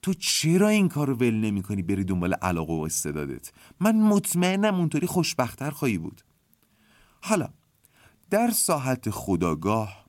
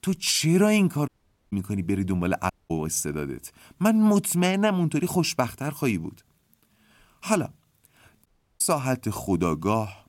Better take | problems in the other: first | audio cutting out; at 1 s, at 2.5 s and at 8.5 s

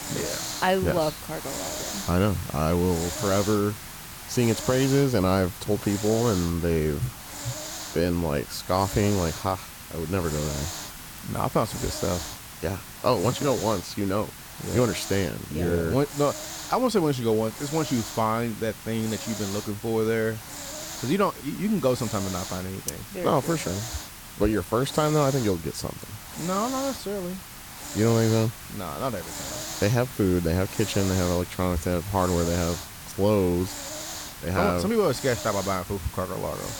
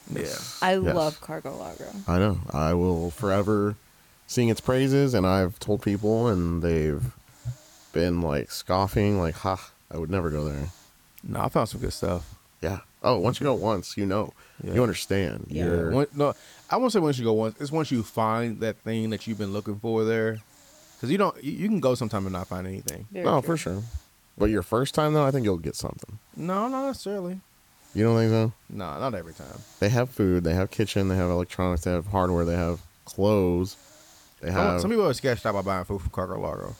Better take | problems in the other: second | hiss; loud; throughout; 9 dB below the speech; faint in the second

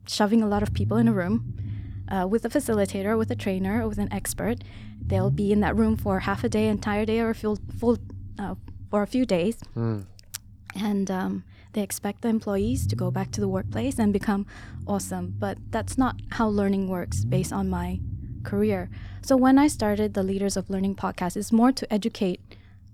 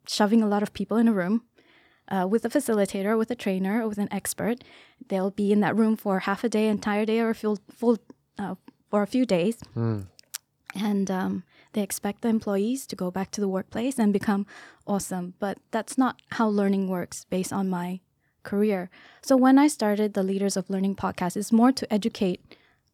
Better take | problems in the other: second | low rumble; noticeable; throughout; 20 dB below the speech

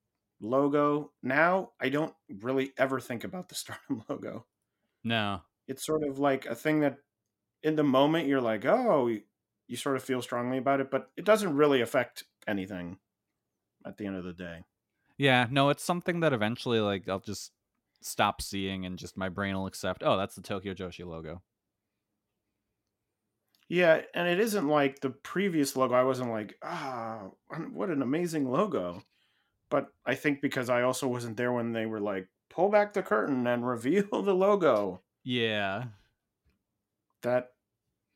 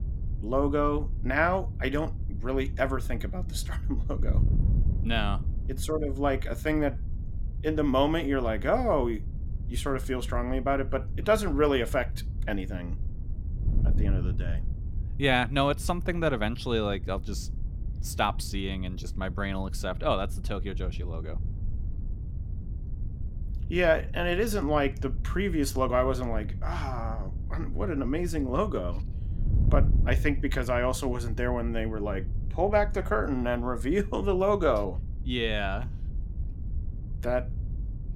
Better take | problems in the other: first | wind noise on the microphone; occasional gusts; 20 dB below the speech

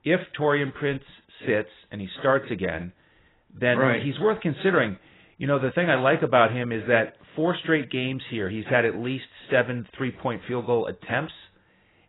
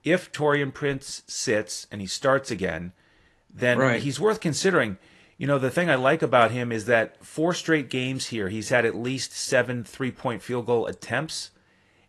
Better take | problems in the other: second | garbled, watery; badly; nothing above 4 kHz; slightly in the second

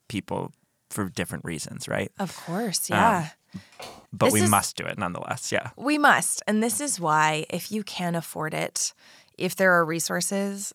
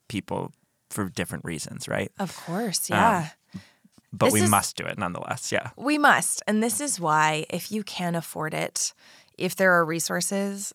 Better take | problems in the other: second | door banging; faint; at 3.5 s; peak 20 dB below the speech

